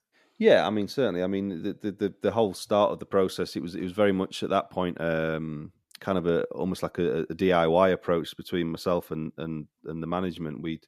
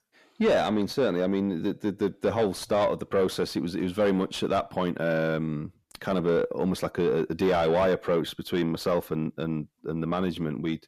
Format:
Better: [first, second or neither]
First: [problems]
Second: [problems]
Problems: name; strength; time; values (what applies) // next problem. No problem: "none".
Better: first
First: none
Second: distortion; heavy; 8 dB below the speech